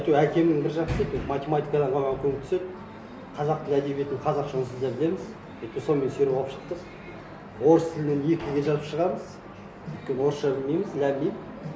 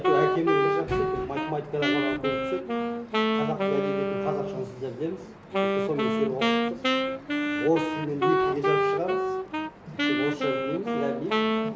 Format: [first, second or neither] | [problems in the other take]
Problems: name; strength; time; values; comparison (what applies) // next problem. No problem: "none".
first | background sound (Wind instrument, woodwind instrument); 4 dB above the speech